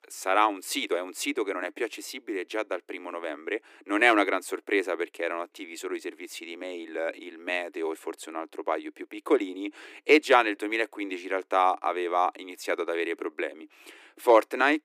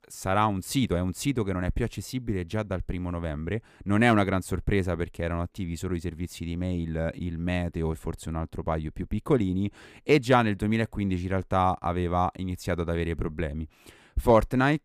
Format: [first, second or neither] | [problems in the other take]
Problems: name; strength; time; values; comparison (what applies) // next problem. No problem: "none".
second | thin; very; fading below 300 Hz